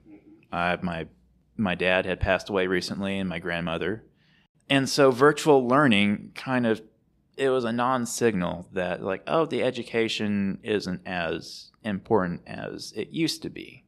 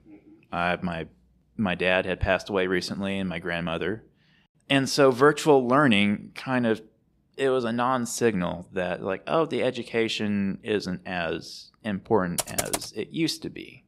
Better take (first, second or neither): first